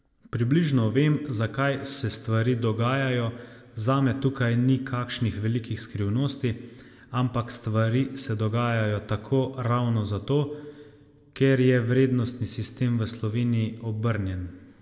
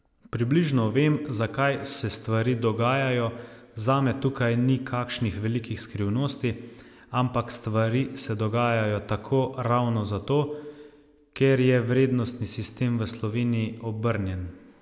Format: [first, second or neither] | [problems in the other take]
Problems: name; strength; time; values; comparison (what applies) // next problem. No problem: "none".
second | room echo; dies away in 0.2 s